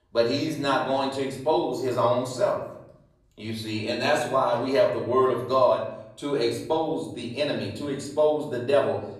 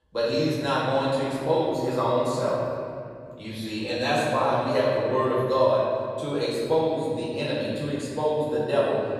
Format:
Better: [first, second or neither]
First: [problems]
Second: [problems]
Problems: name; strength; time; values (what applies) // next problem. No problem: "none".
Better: first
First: room echo; slight; dies away in 0.8 s // off-mic speech; far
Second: room echo; strong; dies away in 2.6 s // off-mic speech; far